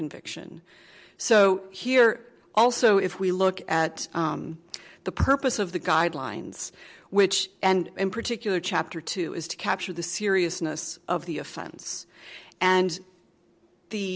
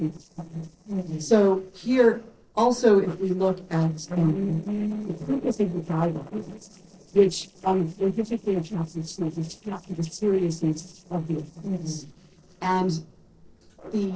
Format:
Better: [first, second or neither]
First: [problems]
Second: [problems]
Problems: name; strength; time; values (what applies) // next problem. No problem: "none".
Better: first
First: none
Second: noise reduction (neural separator model SepFormer DNS4)